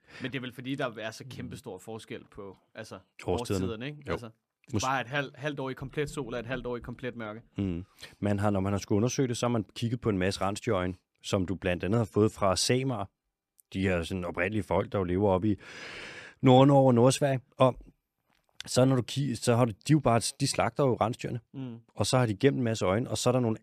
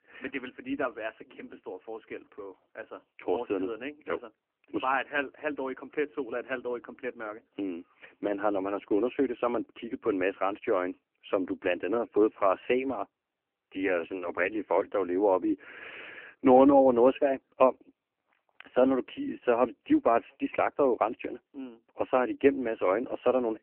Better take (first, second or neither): first